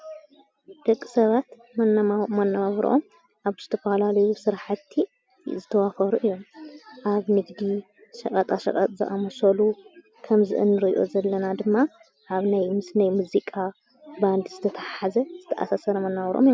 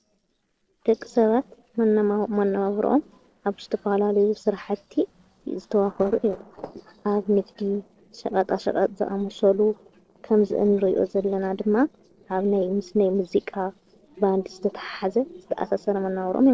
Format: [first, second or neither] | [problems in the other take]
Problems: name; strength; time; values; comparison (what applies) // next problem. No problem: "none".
first | noise reduction (neural separator model SepFormer DNS4)